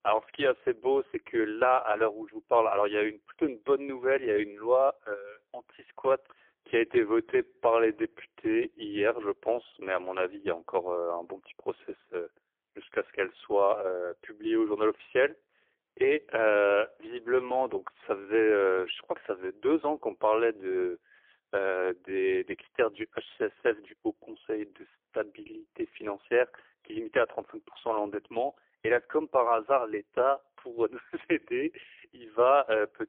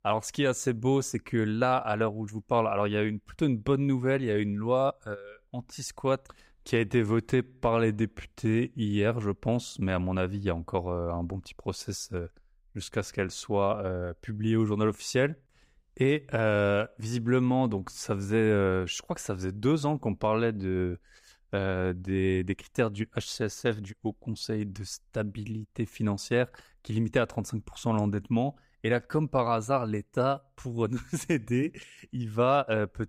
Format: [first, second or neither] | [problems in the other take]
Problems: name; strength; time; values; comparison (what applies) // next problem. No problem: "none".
second | phone-call audio; poor line; nothing above 3.5 kHz